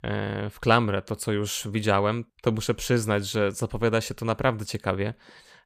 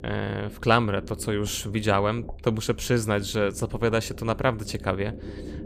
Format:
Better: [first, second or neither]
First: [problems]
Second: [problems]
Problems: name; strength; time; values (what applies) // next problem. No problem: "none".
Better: first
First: none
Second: low rumble; faint; throughout; 20 dB below the speech